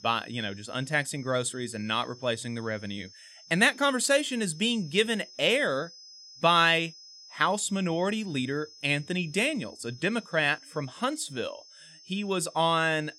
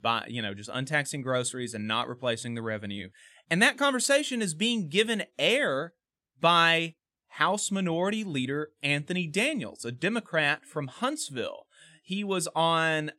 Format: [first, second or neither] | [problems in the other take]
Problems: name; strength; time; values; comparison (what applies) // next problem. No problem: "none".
second | high-pitched whine; faint; throughout; 5 kHz, 20 dB below the speech